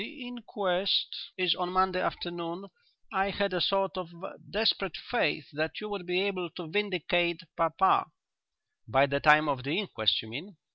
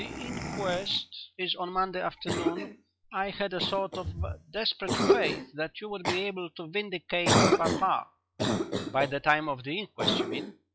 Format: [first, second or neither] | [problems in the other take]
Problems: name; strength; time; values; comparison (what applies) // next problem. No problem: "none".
first | noise reduction (classical method log-MMSE)